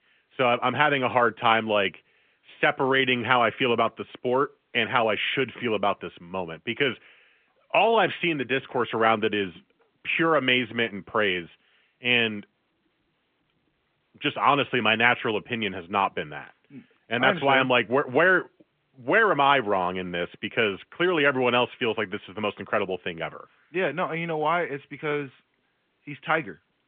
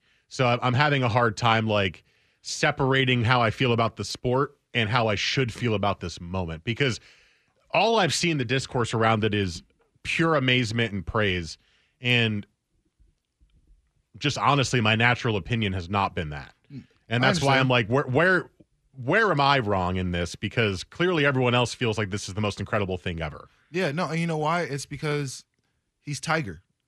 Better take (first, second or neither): second